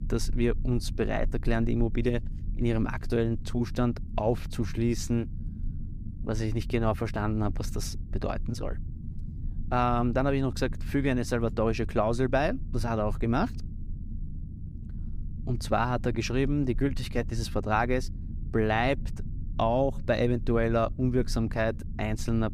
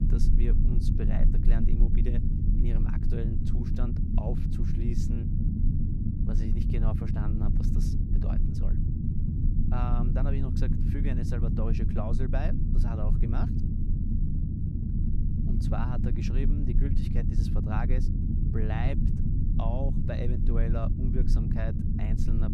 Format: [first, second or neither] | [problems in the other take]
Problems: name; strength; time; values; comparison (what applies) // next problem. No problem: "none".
first | low rumble; loud; throughout; as loud as the speech; faint in the first